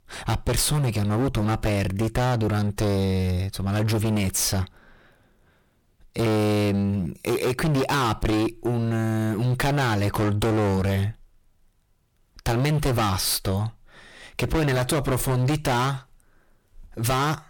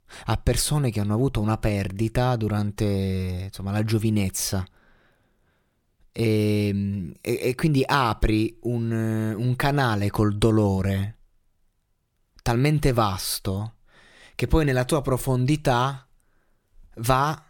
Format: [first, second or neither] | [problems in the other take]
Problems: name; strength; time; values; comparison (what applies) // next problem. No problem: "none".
second | distortion; heavy; 24% of the sound clipped